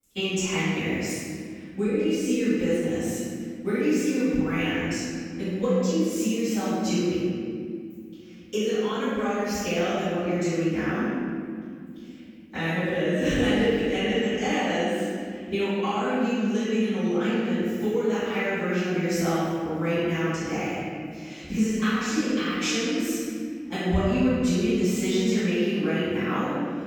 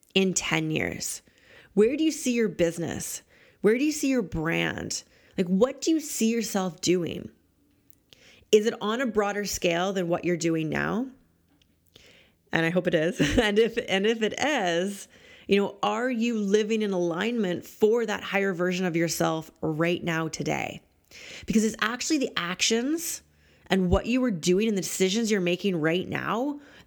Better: second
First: room echo; strong; dies away in 2.2 s // off-mic speech; far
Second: none

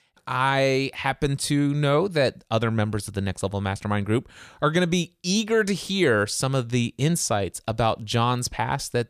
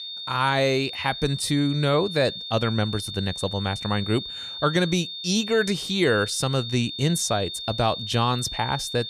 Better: first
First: none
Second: high-pitched whine; loud; throughout; 3.5 kHz, 7 dB below the speech

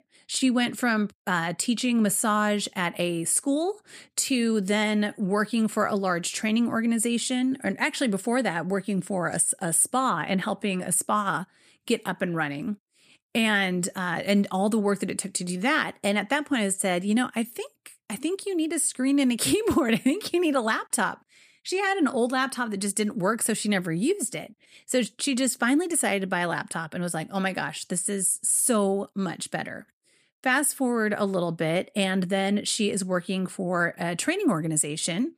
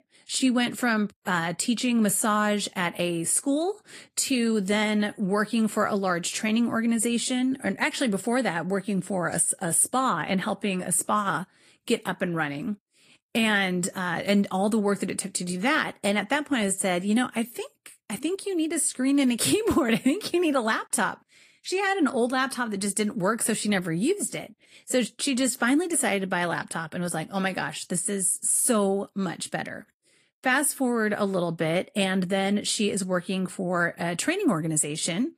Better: first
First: none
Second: garbled, watery; slightly; nothing above 14.5 kHz

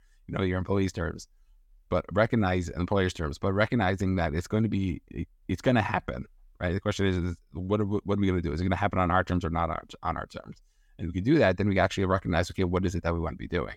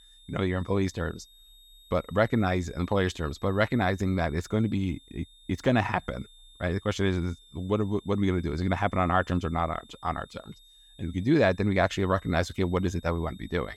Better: first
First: none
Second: high-pitched whine; faint; throughout; 3.5 kHz, 25 dB below the speech

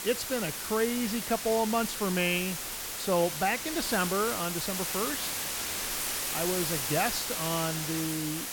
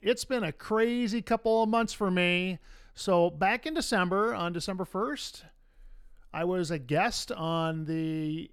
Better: second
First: hiss; loud; throughout; 1 dB below the speech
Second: none

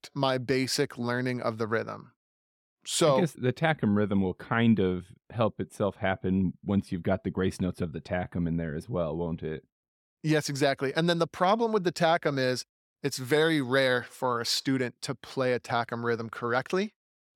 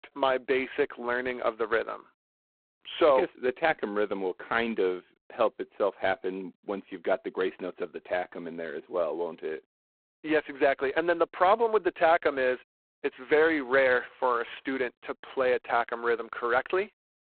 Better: first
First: none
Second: phone-call audio; poor line; nothing above 4 kHz

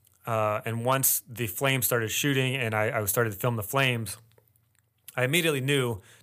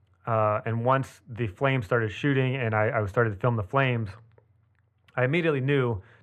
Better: first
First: none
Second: muffled; very; fading above 1.5 kHz

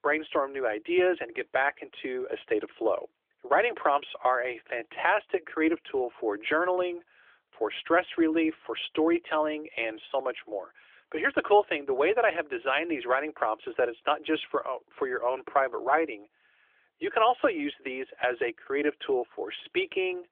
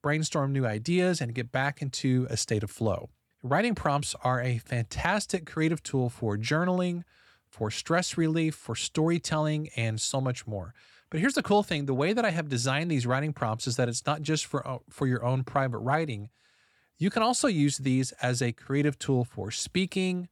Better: second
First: phone-call audio; nothing above 3.5 kHz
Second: none

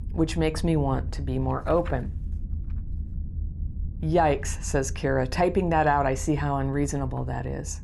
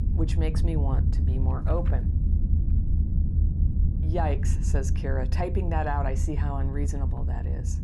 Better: first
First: low rumble; faint; throughout; 25 dB below the speech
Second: low rumble; loud; throughout; 8 dB below the speech

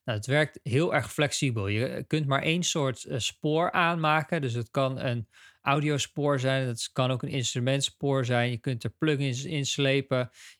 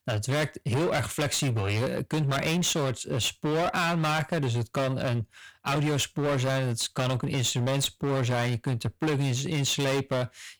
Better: first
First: none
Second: distortion; heavy; 24% of the sound clipped

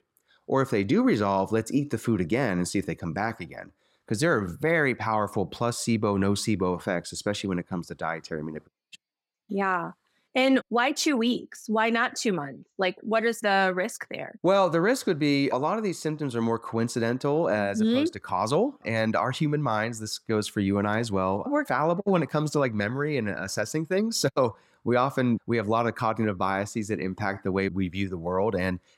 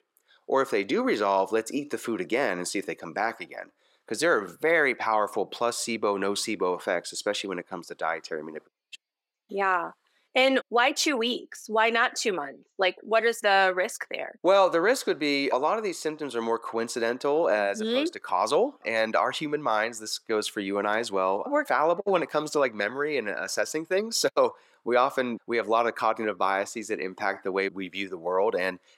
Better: first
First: none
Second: thin; somewhat; fading below 450 Hz

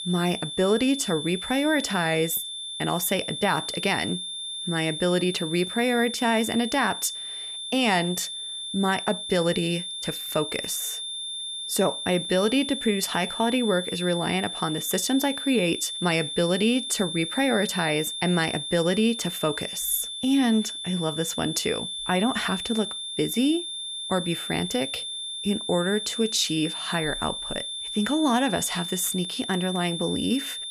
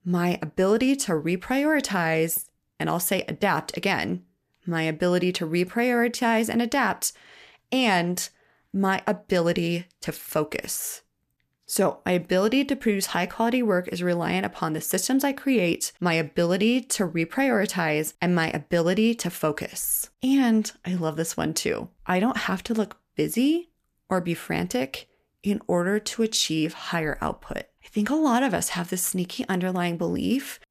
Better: second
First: high-pitched whine; loud; throughout; 3.5 kHz, 5 dB below the speech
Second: none

